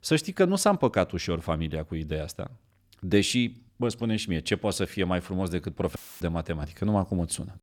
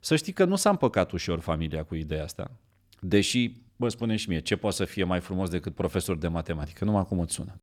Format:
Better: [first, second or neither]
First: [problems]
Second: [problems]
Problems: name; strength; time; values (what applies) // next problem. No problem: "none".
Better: second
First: audio cutting out; filled with static; at 6 s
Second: none